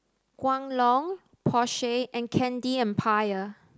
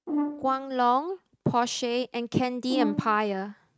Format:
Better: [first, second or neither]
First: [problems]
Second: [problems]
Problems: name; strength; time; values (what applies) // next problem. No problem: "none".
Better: first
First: none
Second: noise reduction (neural mask model RNNoise)